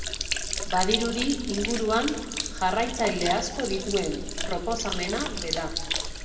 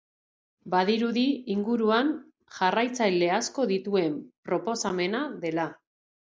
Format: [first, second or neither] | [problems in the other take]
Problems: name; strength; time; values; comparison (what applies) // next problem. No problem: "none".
second | background sound (Sink (filling or washing)); 2 dB below the speech // room echo; dies away in 1.5 s